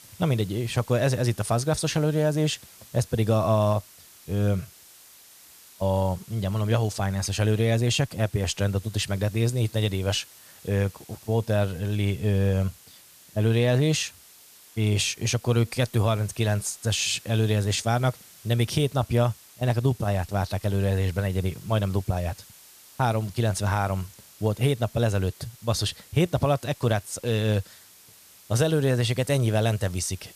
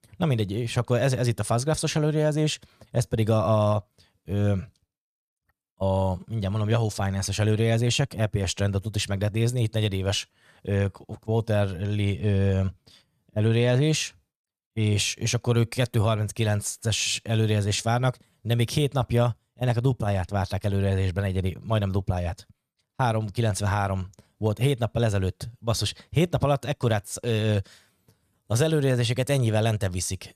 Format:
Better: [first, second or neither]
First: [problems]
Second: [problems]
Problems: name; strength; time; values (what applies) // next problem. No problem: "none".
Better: second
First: hiss; faint; throughout; 20 dB below the speech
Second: none